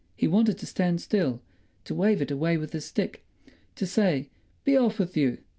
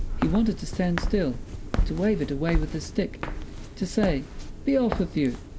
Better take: first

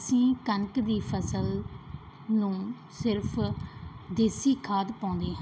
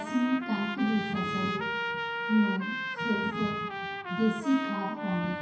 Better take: first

